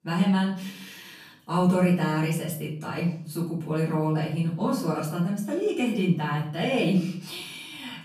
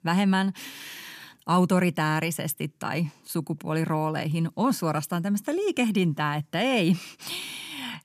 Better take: second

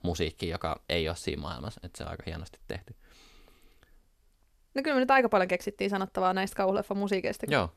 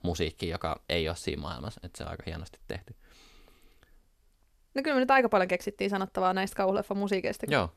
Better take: neither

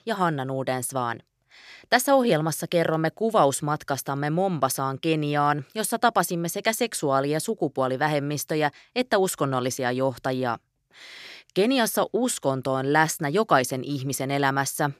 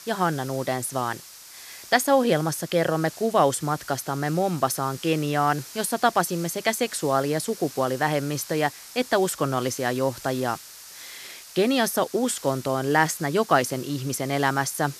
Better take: first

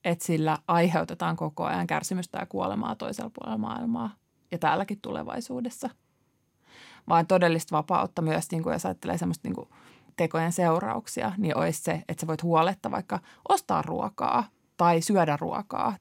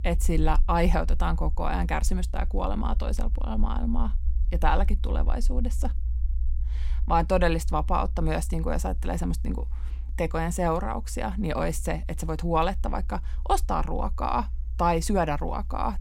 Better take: first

